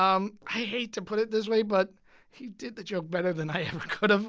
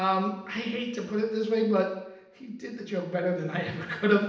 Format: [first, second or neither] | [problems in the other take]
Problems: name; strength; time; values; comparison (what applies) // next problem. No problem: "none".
first | room echo; dies away in 0.8 s